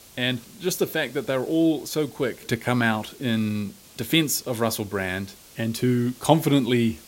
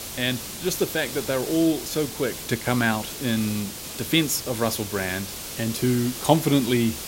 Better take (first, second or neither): first